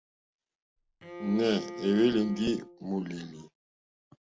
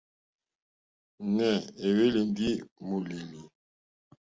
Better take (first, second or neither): second